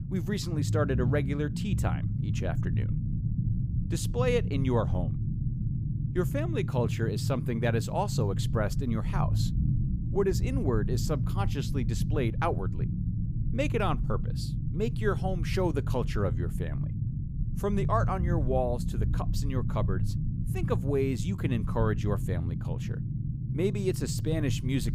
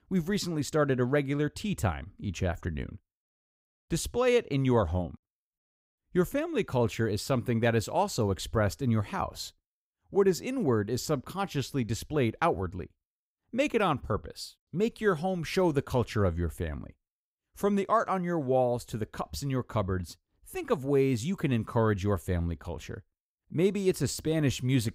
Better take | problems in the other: second | low rumble; loud; throughout; 9 dB below the speech

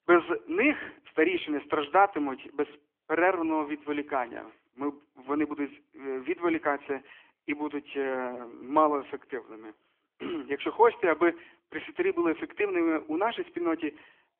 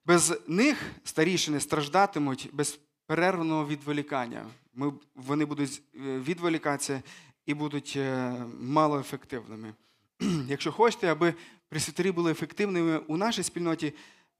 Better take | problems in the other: second | phone-call audio; nothing above 3 kHz

